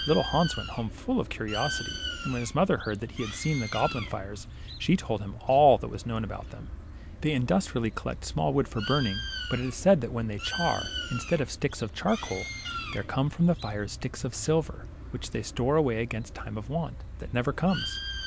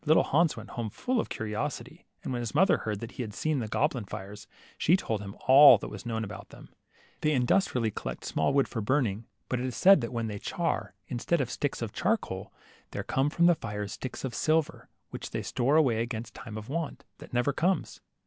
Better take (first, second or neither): second